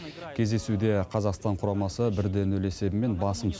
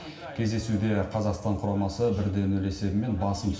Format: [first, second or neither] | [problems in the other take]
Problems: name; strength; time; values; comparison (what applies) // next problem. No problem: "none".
first | room echo; dies away in 0.7 s